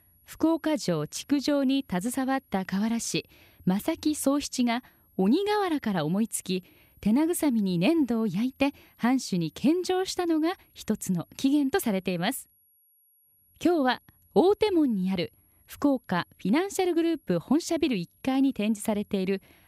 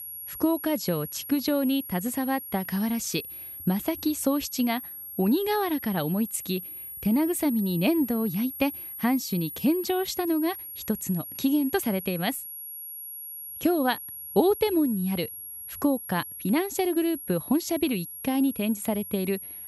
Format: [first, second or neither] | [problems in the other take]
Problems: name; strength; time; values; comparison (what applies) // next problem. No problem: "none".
first | high-pitched whine; loud; throughout; 11.5 kHz, 9 dB below the speech; faint in the first